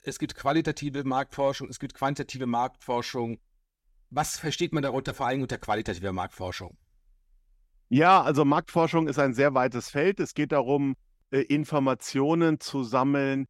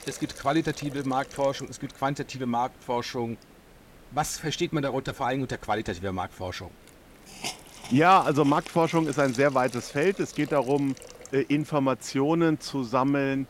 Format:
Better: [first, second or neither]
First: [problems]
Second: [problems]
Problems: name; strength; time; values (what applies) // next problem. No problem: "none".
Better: first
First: none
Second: hiss; noticeable; throughout; 20 dB below the speech